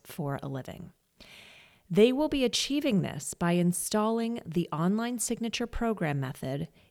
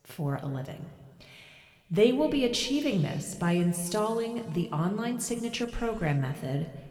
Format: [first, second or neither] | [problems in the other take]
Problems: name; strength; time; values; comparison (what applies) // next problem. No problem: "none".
first | room echo; slight; dies away in 1.7 s